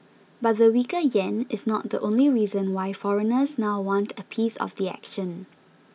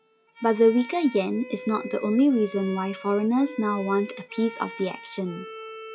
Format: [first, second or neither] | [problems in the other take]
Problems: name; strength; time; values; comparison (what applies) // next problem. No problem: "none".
first | noise reduction (classical method log-MMSE)